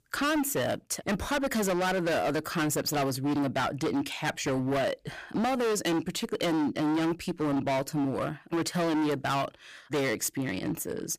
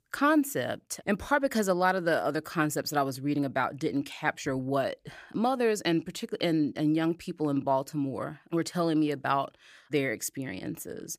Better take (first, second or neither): second